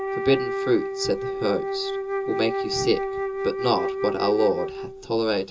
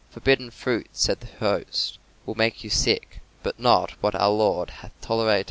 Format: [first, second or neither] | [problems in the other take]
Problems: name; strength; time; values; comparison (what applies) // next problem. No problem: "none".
second | background sound (Wind instrument, woodwind instrument); 3 dB below the speech // room echo; dies away in 0.2 s